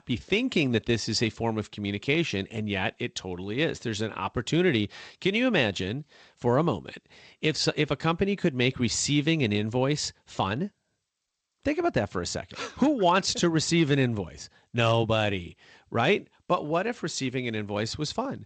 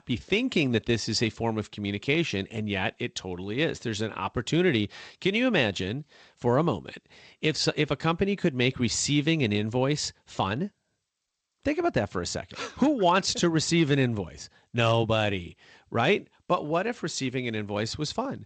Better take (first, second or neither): neither